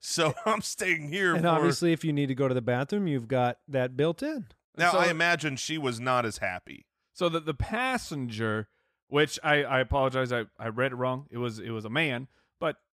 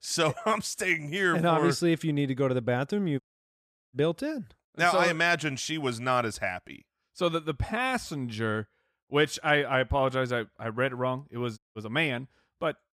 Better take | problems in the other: first | audio cutting out; at 3 s for 0.5 s and at 12 s

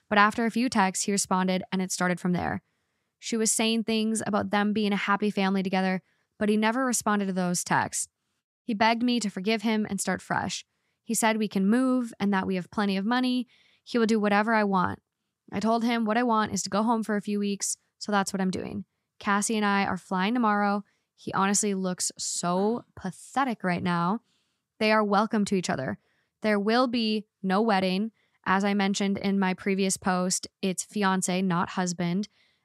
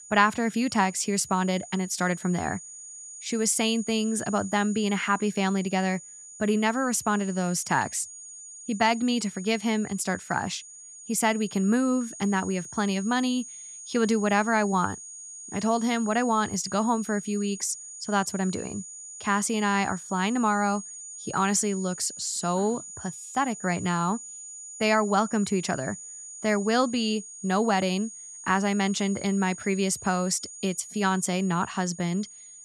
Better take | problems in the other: first | high-pitched whine; noticeable; throughout; 6.5 kHz, 15 dB below the speech

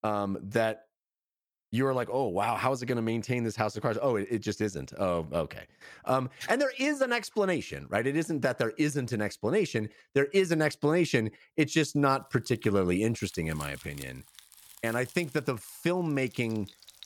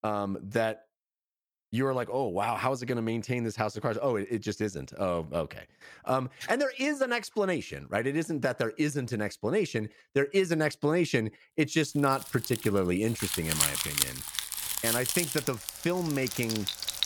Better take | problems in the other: first | household noises; loud; from 12 s on; 1 dB below the speech; faint in the first

